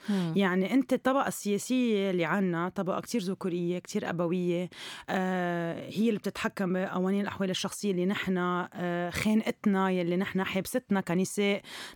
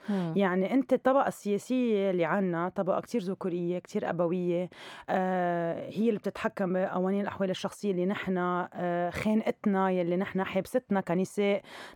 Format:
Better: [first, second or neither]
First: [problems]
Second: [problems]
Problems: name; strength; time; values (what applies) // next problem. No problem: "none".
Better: first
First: none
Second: muffled; slightly; fading above 3 kHz